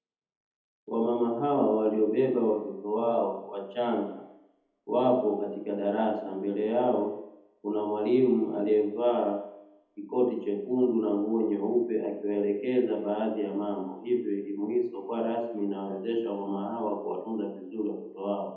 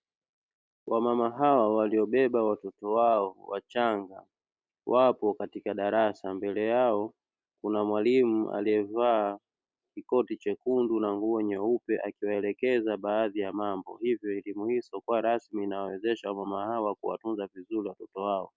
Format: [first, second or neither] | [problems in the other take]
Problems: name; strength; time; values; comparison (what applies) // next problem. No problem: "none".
second | room echo; dies away in 1 s